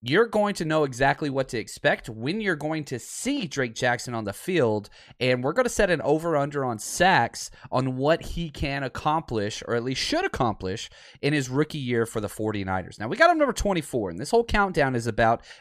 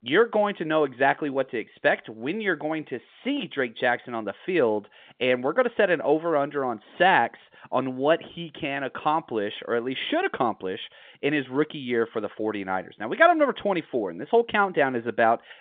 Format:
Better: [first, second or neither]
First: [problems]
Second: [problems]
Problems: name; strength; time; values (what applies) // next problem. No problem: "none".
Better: first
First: none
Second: phone-call audio